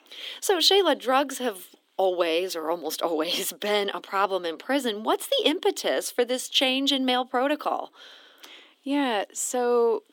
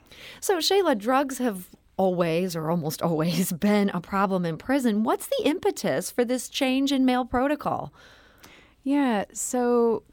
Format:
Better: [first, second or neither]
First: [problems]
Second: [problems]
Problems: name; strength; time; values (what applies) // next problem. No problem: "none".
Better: second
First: thin; very slightly; fading below 300 Hz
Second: none